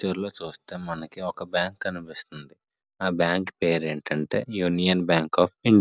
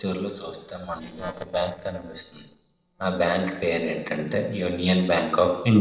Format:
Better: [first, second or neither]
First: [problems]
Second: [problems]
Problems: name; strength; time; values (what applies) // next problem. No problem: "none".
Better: first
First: none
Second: noise reduction (neural separator model SepFormer DNS4)